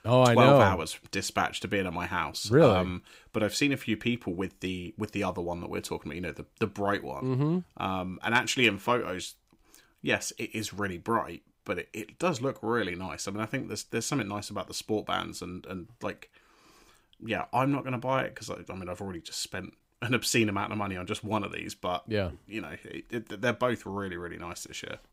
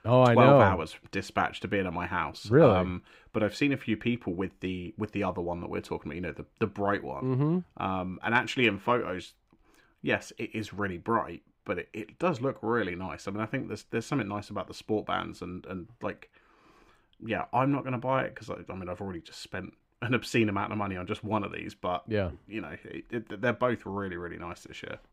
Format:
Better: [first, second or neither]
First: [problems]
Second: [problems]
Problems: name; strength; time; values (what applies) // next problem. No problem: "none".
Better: first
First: none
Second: muffled; slightly; fading above 3.5 kHz